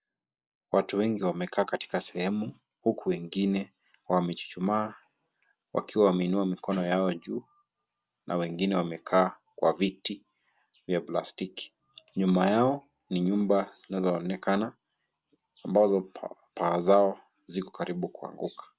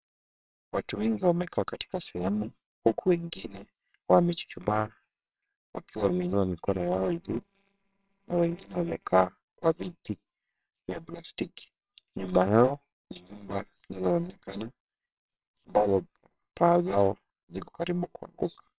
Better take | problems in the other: first | noise reduction (neural separator model SepFormer WHAMR!)

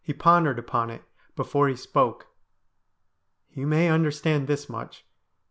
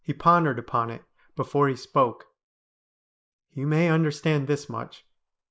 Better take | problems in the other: first | noise reduction (neural mask model Resemble Enhance denoiser)

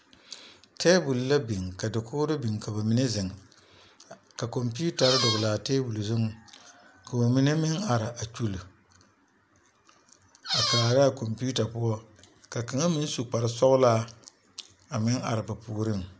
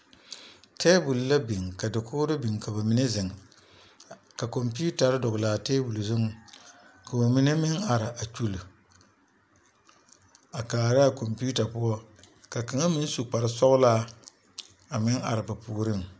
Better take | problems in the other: second | background sound (Squeak); as loud as the speech

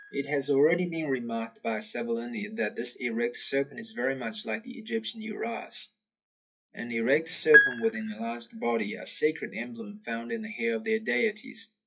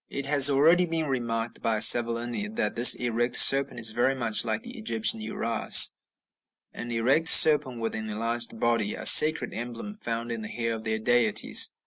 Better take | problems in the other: second | noise reduction (classical method WPE with log-MMSE)

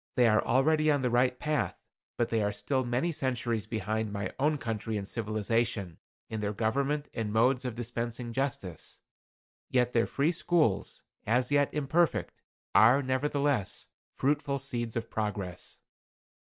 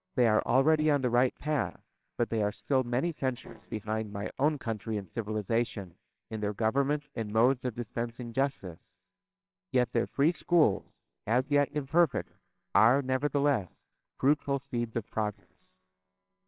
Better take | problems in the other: first | noise reduction (neural separator model SepFormer WHAMR!)

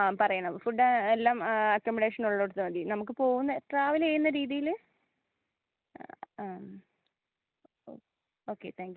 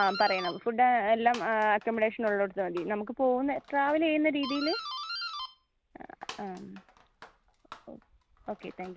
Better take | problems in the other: first | background sound (Doorbell); 13 dB below the speech

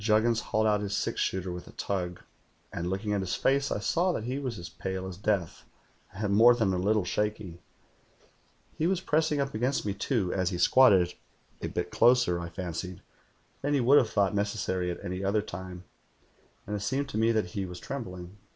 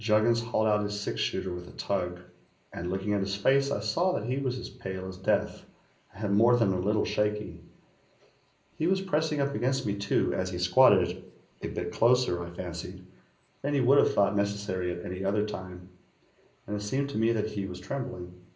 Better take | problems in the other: first | room echo; dies away in 0.5 s

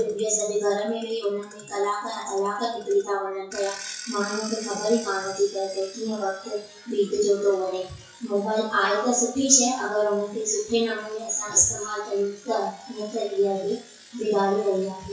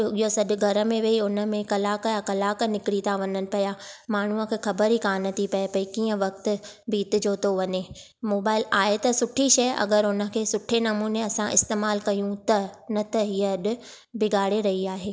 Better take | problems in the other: second | noise reduction (classical method WPE with log-MMSE)

